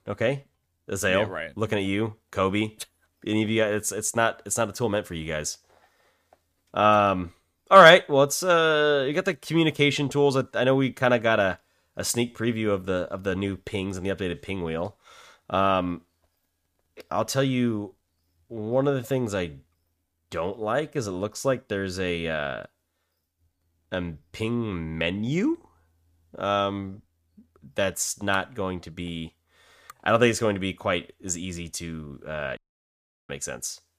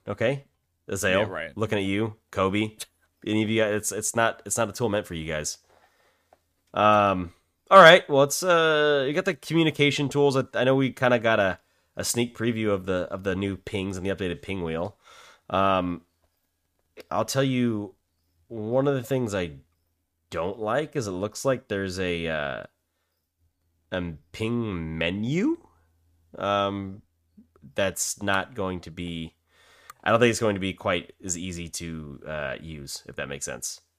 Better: second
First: audio cutting out; at 33 s for 0.5 s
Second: none

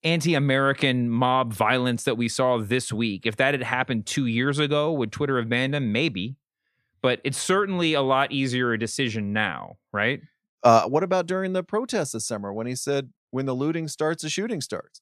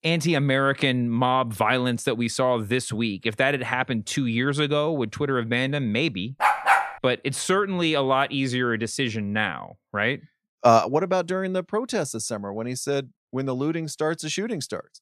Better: first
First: none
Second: dog barking; loud; at 6.5 s; peak 5 dB above the speech

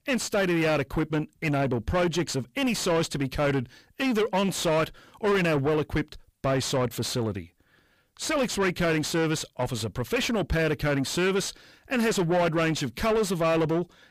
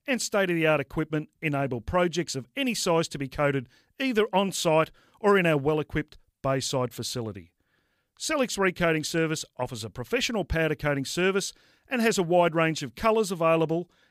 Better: second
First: distortion; heavy; 7 dB below the speech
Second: none

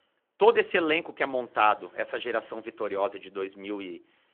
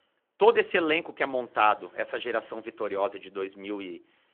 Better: neither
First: phone-call audio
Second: phone-call audio

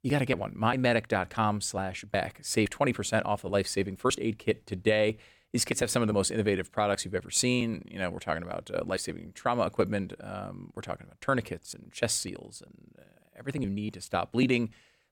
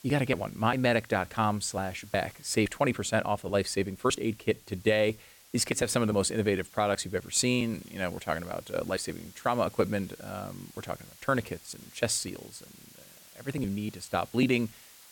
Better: first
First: none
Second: hiss; faint; throughout; 20 dB below the speech

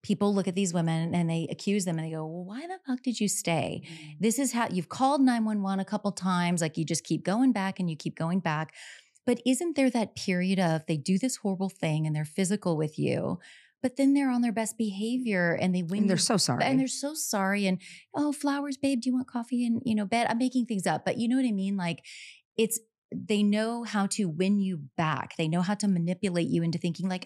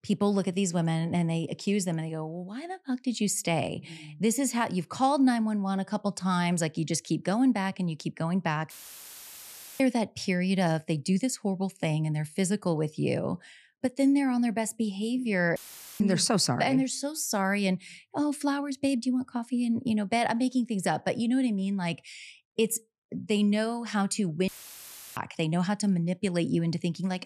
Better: first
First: none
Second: audio cutting out; filled with static; at 8.5 s for 1 s, at 16 s and at 24 s for 0.5 s

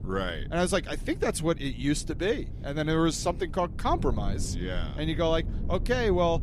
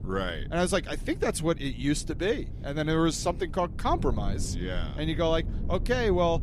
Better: neither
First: wind noise on the microphone; occasional gusts; 20 dB below the speech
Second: wind noise on the microphone; occasional gusts; 20 dB below the speech

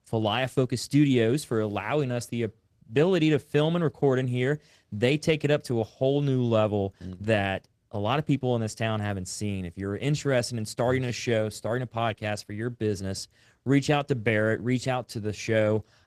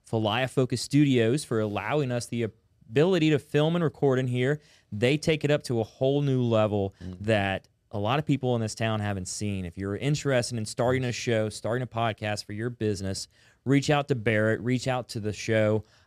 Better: second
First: garbled, watery; slightly; nothing above 12 kHz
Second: none

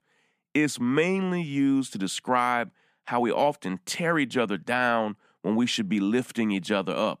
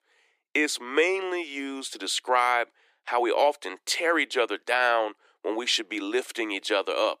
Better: first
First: none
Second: thin; very; fading below 350 Hz

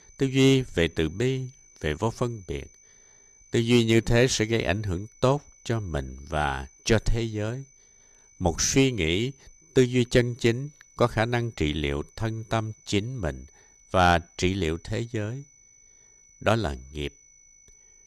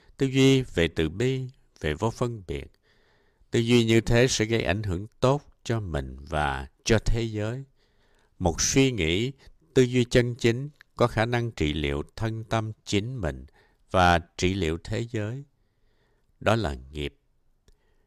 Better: second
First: high-pitched whine; faint; throughout; 6 kHz, 30 dB below the speech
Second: none

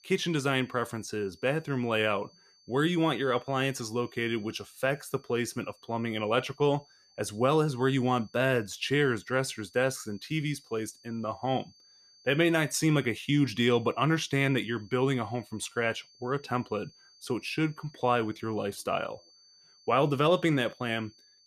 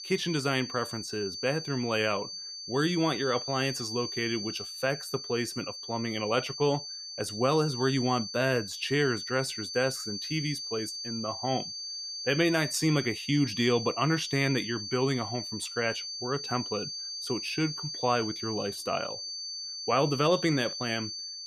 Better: first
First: high-pitched whine; faint; throughout; 4.5 kHz, 30 dB below the speech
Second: high-pitched whine; loud; throughout; 4.5 kHz, 6 dB below the speech

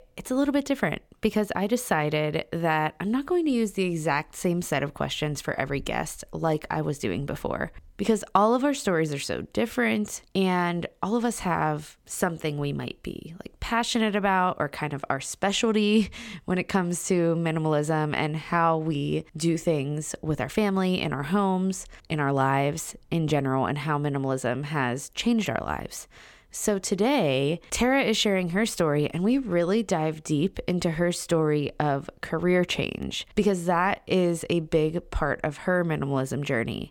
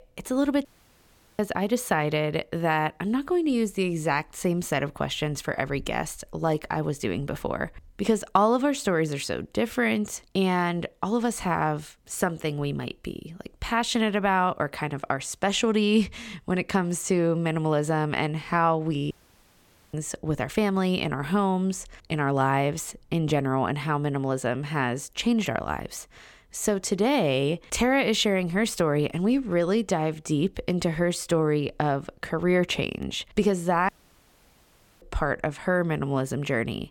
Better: first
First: none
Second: audio cutting out; at 0.5 s for 0.5 s, at 19 s for 1 s and at 34 s for 1 s

